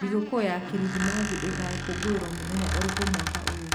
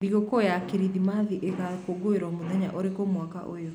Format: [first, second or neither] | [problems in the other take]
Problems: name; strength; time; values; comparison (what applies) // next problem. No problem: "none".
second | background sound (Squeak); 2 dB below the speech